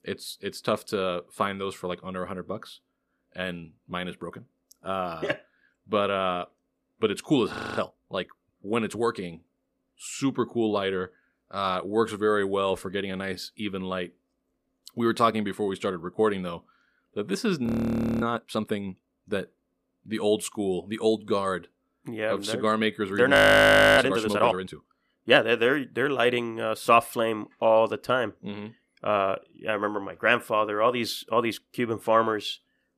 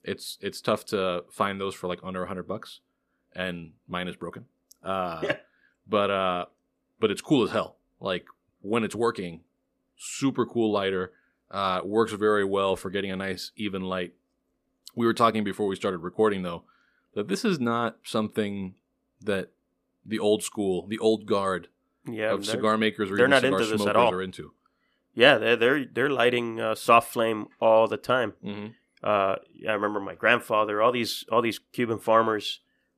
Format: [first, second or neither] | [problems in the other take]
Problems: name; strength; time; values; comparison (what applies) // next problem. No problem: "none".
second | audio freezing; at 7.5 s, at 18 s for 0.5 s and at 23 s for 0.5 s